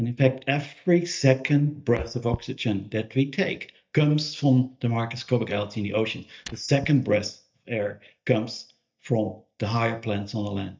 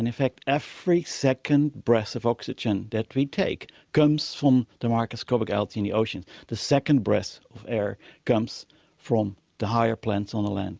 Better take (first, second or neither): second